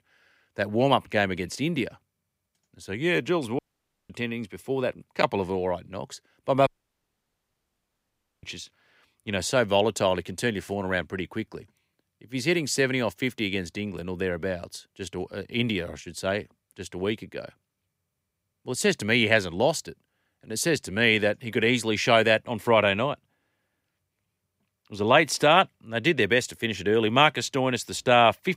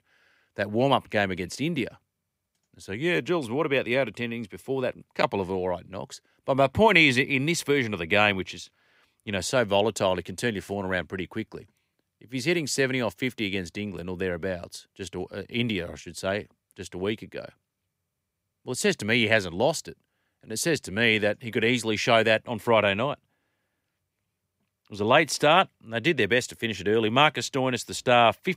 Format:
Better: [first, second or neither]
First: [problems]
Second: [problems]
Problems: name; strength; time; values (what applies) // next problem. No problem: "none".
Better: second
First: audio cutting out; at 3.5 s for 0.5 s and at 6.5 s for 2 s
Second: none